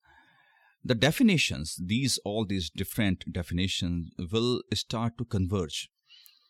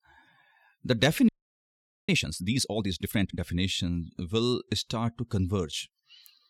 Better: first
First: none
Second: audio freezing; at 1.5 s for 1 s

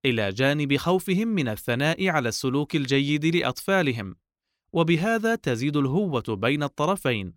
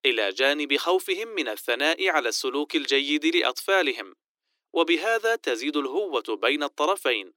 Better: first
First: none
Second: thin; somewhat; fading below 300 Hz

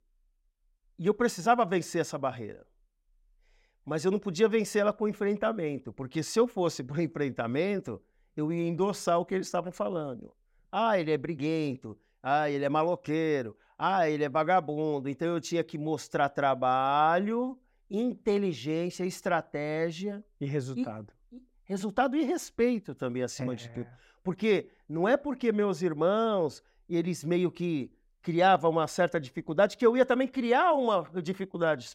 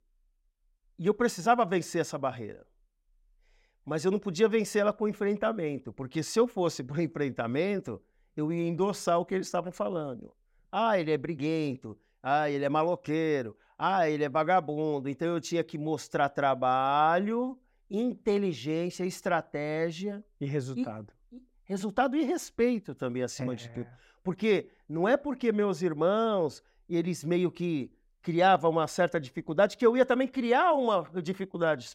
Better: neither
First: none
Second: none

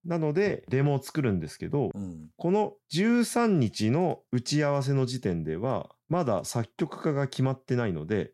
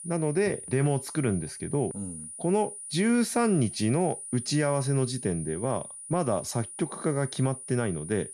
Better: first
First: none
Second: high-pitched whine; noticeable; throughout; 9.5 kHz, 10 dB below the speech

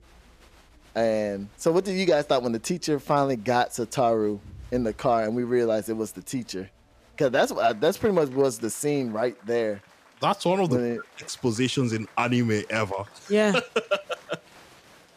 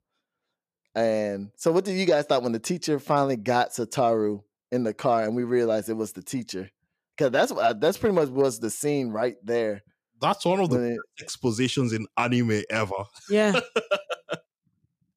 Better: second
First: crowd noise; faint; throughout; 25 dB below the speech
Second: none

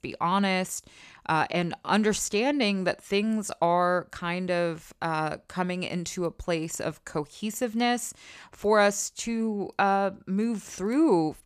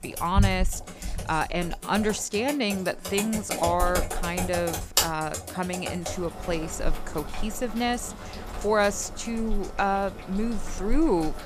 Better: first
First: none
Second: household noises; loud; throughout; 5 dB below the speech

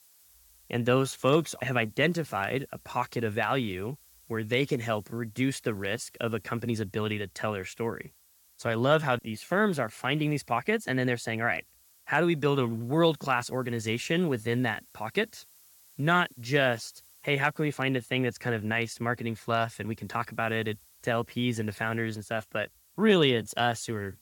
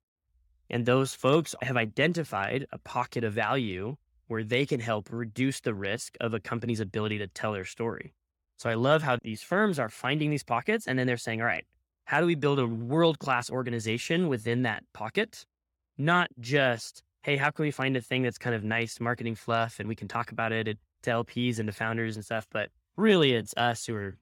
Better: second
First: hiss; faint; throughout; 25 dB below the speech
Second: none

